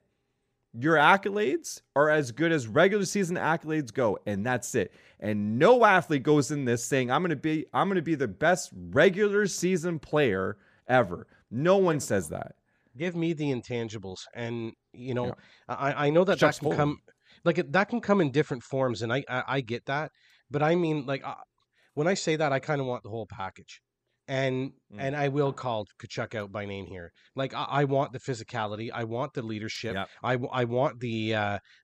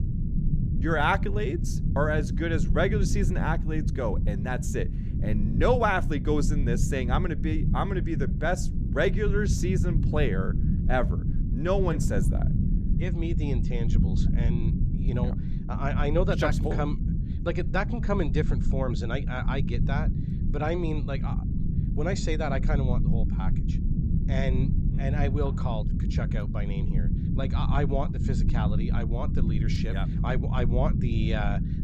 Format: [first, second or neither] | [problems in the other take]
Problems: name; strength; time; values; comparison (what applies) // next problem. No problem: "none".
first | low rumble; loud; throughout; 8 dB below the speech